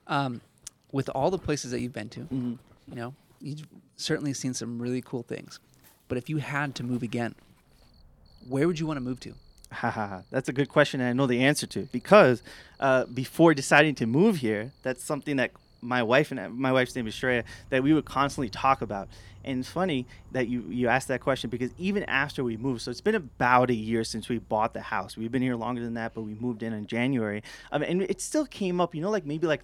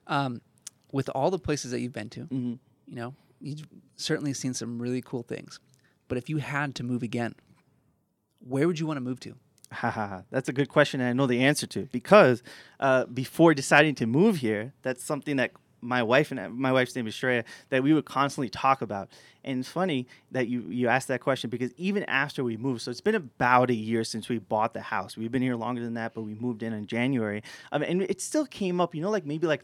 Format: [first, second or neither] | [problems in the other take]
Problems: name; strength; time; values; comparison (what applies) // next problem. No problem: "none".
second | animal sounds; faint; throughout; 30 dB below the speech